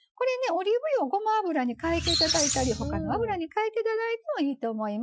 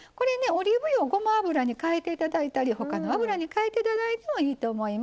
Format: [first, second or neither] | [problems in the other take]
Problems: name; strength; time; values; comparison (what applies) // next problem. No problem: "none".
second | noise reduction (classical method Wiener filter)